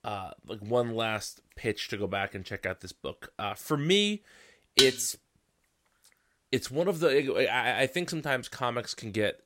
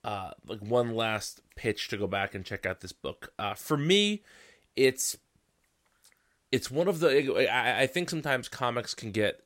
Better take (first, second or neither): second